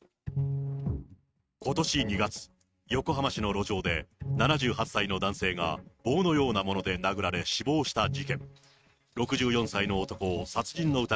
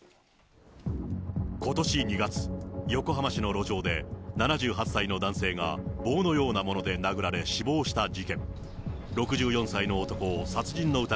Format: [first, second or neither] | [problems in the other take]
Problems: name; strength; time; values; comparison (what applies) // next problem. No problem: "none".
second | noise reduction (neural mask model RNNoise)